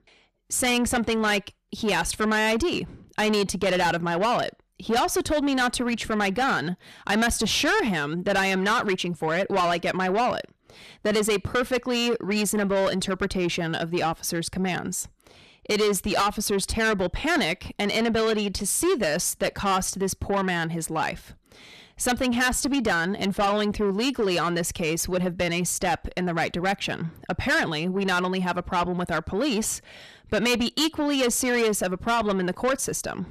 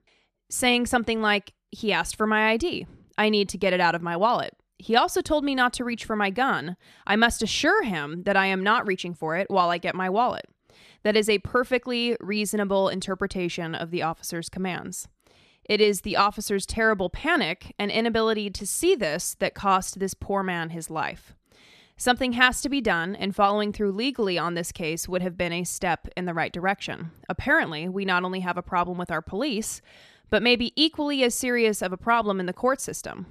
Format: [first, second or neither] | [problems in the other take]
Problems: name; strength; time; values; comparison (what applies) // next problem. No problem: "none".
second | distortion; heavy; 7 dB below the speech